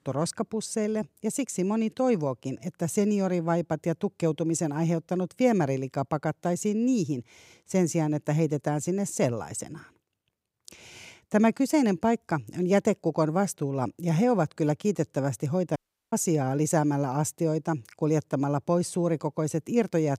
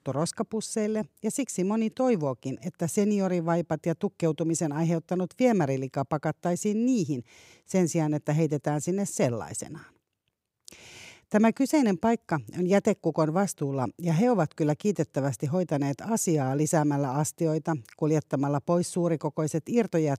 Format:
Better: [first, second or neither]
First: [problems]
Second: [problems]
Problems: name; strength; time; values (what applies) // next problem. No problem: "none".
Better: second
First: audio cutting out; at 16 s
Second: none